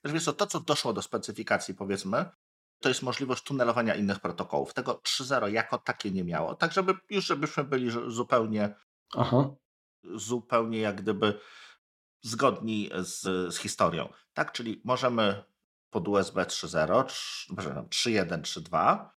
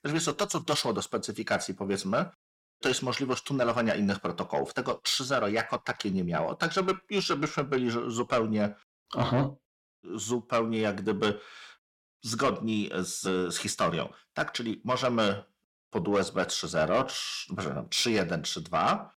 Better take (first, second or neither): first